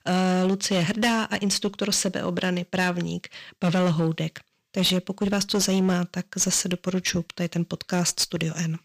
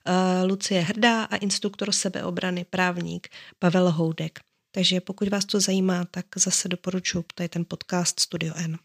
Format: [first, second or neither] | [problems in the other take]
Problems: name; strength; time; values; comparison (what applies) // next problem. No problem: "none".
second | distortion; slight; 10% of the sound clipped